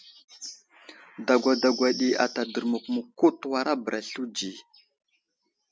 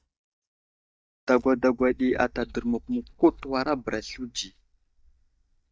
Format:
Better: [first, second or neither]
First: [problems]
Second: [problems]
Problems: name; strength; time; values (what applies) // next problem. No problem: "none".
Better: first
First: none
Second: noise reduction (neural mask model DeepFilterNet 3)